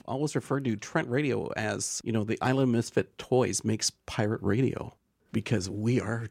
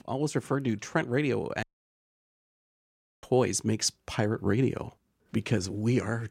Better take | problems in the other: first | audio cutting out; at 1.5 s for 1.5 s

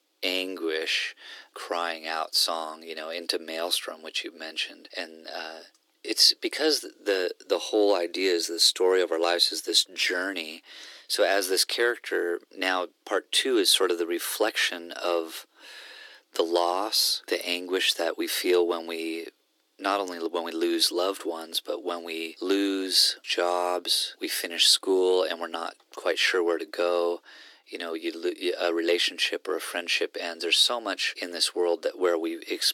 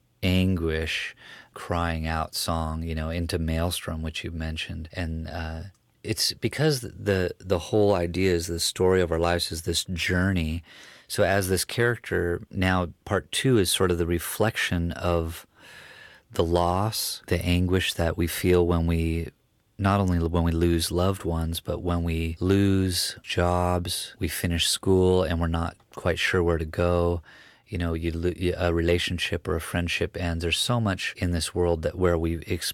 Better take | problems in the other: second | thin; somewhat; fading below 300 Hz

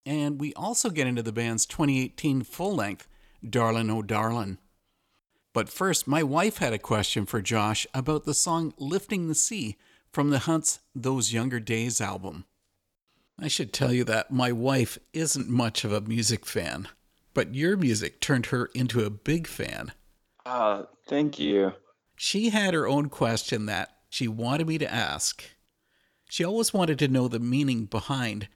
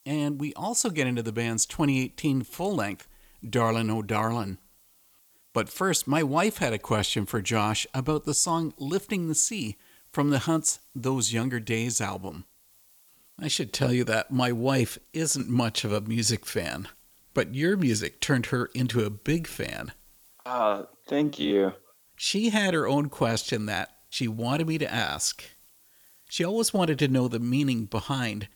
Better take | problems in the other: first | hiss; faint; throughout; 30 dB below the speech

